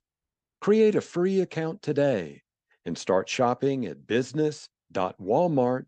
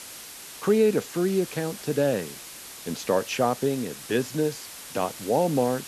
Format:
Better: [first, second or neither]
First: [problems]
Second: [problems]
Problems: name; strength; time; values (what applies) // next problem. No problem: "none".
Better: first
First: none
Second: hiss; noticeable; throughout; 15 dB below the speech